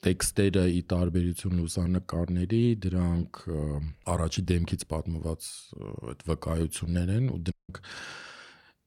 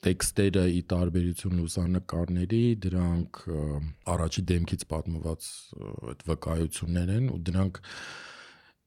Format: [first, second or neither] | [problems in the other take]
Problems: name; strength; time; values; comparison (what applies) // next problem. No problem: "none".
second | audio cutting out; at 7.5 s